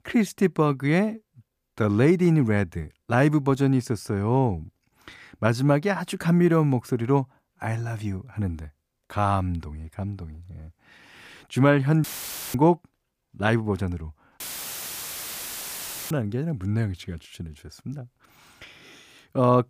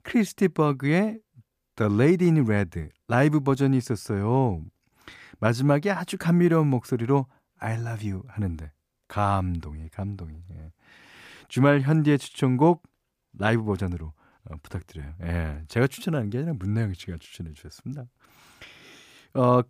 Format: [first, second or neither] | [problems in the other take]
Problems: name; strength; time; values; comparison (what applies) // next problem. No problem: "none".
second | audio cutting out; filled with static; at 12 s for 0.5 s and at 14 s for 1.5 s